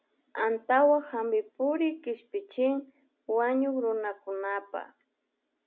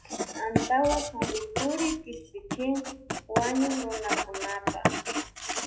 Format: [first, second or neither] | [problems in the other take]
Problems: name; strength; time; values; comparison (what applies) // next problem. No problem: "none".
first | noise reduction (classical method WPE with log-MMSE)